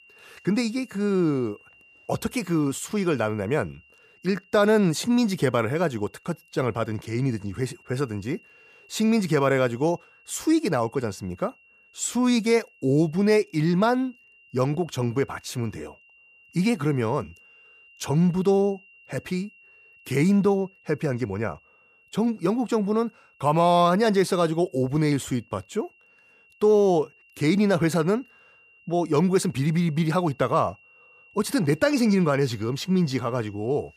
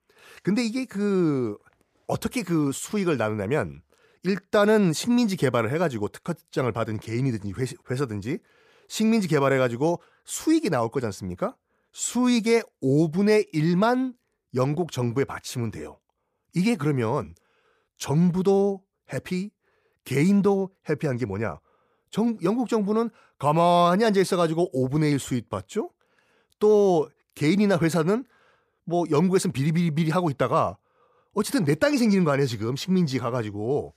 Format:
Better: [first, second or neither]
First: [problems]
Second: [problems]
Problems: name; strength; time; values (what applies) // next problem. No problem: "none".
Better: second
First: high-pitched whine; faint; throughout; 2.5 kHz, 30 dB below the speech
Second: none